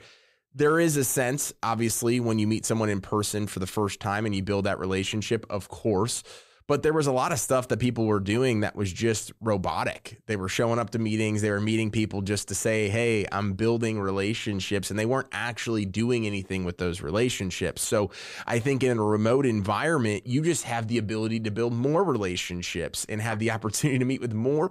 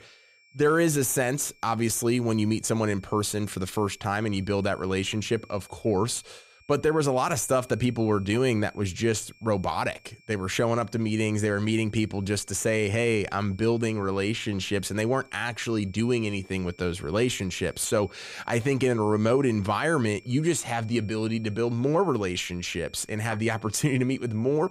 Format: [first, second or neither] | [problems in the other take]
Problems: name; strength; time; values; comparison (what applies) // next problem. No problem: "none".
first | high-pitched whine; faint; throughout; 2.5 kHz, 30 dB below the speech